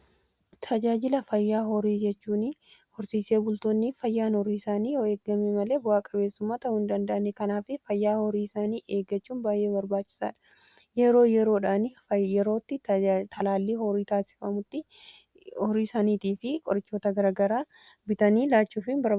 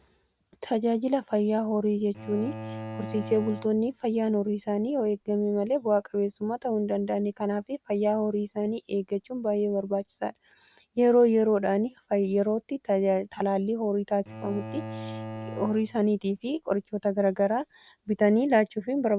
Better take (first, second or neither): first